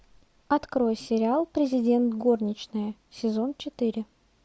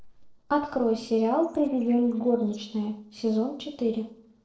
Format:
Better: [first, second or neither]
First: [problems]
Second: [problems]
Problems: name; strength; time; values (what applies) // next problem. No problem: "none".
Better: first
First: none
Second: noise reduction (neural separator model SepFormer DNS4)